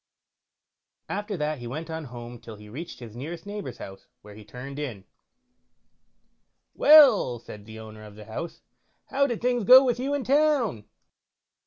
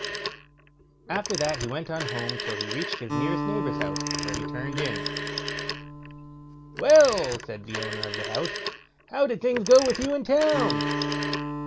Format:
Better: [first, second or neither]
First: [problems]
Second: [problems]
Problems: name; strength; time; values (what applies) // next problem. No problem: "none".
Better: first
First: none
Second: background sound (Acoustic guitar + Telephone); 5 dB below the speech